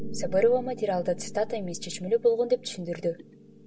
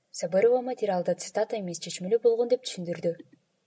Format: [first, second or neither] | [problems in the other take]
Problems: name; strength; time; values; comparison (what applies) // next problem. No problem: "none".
second | background sound (Piano); 10 dB below the speech